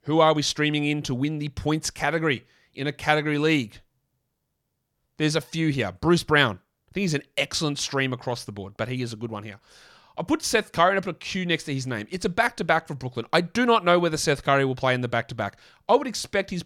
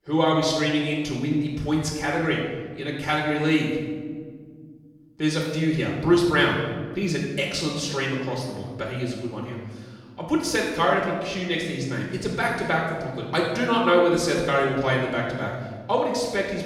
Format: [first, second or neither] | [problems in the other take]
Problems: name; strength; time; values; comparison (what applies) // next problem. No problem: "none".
first | off-mic speech; far // room echo; noticeable; dies away in 1.4 s